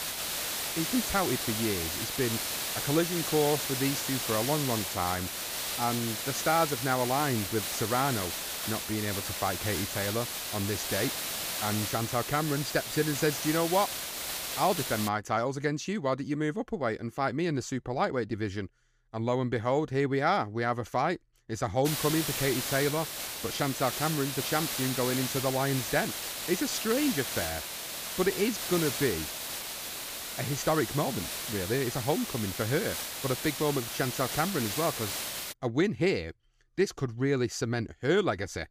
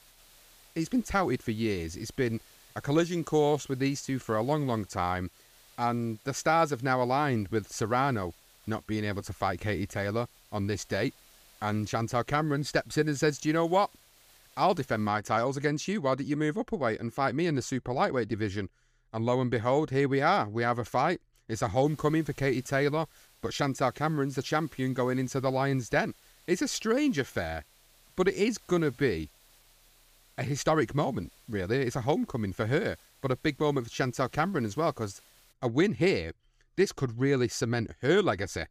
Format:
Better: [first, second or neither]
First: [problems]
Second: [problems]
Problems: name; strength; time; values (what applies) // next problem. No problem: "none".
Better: second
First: hiss; loud; until 15 s and from 22 to 36 s; 2 dB below the speech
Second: hiss; faint; until 15 s and from 22 to 36 s; 30 dB below the speech